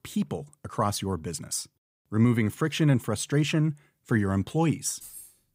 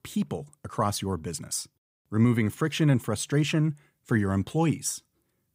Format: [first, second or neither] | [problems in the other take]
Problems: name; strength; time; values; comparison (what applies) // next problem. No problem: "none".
second | jangling keys; faint; at 5 s; peak 15 dB below the speech